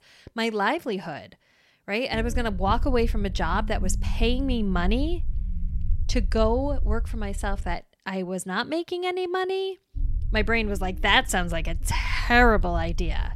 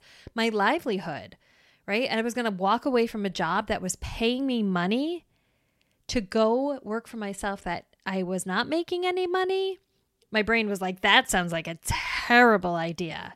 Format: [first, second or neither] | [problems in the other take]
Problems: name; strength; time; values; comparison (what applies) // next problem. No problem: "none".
second | low rumble; faint; from 2 to 7.5 s and from 10 s on; 25 dB below the speech